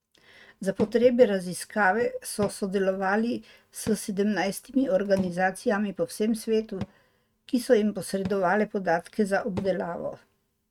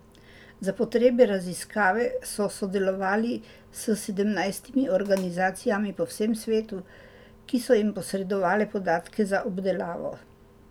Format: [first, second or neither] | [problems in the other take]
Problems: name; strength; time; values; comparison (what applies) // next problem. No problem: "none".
second | noise reduction (neural mask model RNNoise)